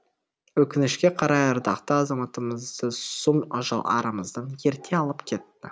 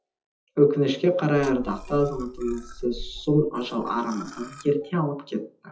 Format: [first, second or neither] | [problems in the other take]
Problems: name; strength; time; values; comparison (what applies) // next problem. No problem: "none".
first | noise reduction (classical method WPE with log-MMSE)